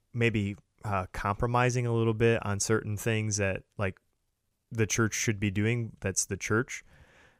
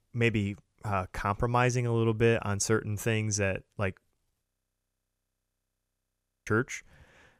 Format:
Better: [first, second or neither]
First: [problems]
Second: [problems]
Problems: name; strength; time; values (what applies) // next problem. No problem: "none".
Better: first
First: none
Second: audio freezing; at 4.5 s for 2 s